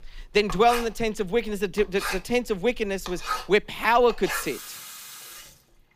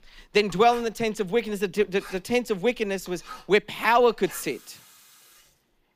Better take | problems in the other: second | household noises; loud; throughout; 10 dB below the speech; faint in the second

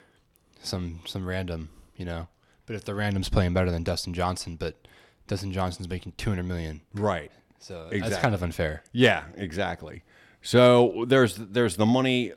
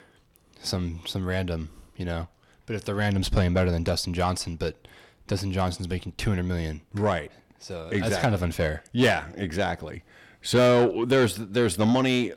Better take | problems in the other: first | distortion; slight; 10 dB below the speech

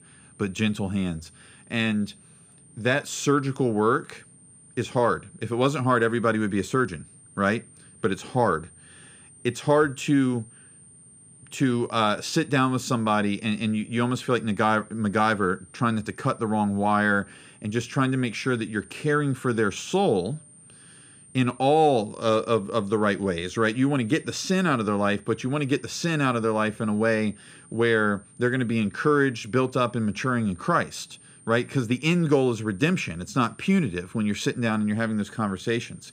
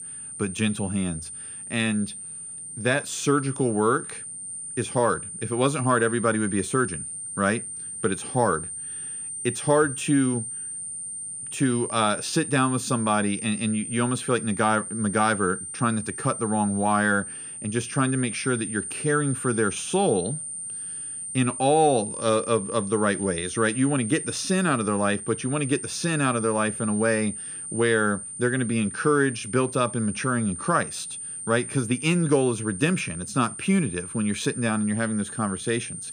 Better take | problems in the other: first | high-pitched whine; loud; throughout; 9 kHz, 8 dB below the speech; faint in the first

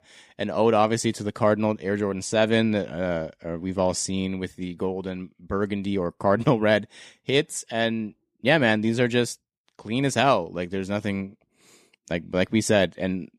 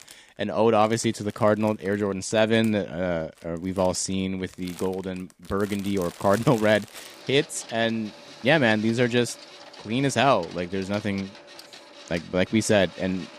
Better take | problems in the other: first | household noises; noticeable; throughout; 20 dB below the speech

